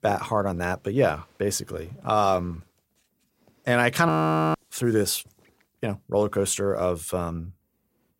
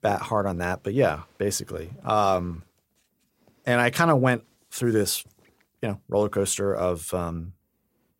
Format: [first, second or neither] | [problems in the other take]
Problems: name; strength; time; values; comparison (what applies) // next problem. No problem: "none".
second | audio freezing; at 4 s